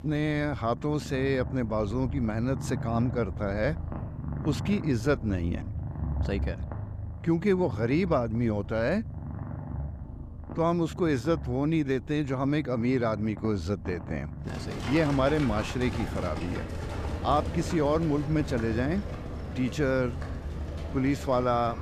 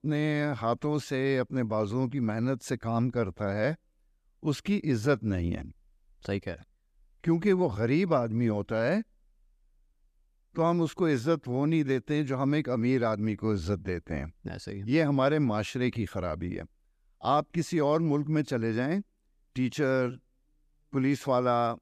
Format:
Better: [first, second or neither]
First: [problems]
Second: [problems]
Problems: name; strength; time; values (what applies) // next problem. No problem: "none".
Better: second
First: animal sounds; loud; throughout; 8 dB below the speech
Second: none